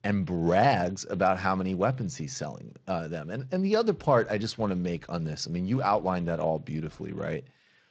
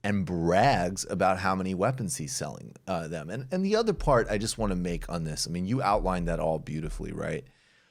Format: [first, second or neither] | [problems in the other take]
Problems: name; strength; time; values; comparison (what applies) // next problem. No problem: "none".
second | garbled, watery; slightly